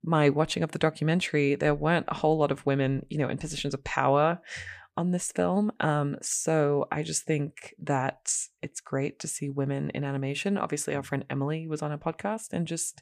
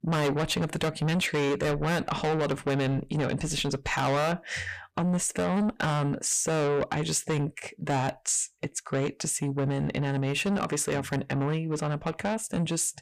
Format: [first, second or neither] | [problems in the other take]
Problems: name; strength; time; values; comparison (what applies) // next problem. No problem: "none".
first | distortion; heavy; 5 dB below the speech